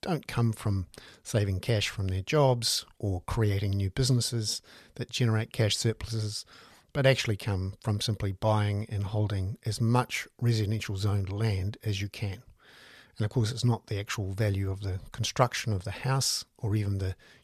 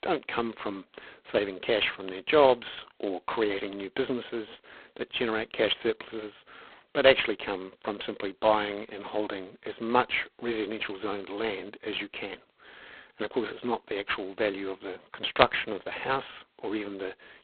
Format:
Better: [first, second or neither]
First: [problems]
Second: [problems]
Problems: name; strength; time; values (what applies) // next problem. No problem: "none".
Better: first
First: none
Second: phone-call audio; poor line; nothing above 4 kHz